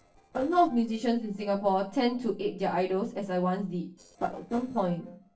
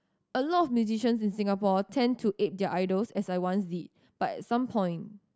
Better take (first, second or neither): second